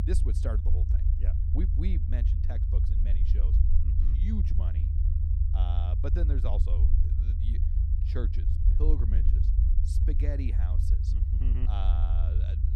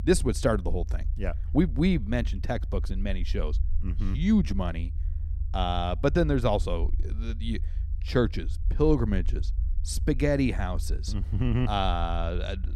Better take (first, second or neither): second